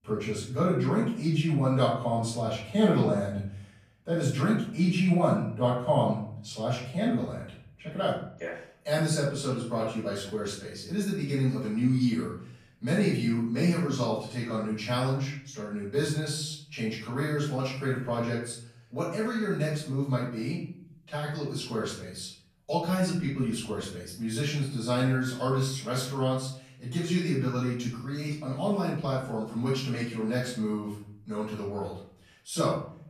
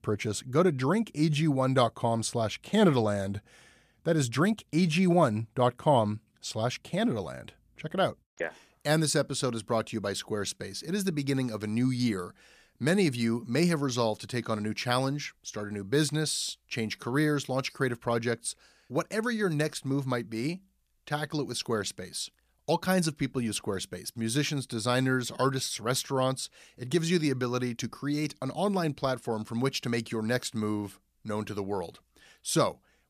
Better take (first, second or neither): second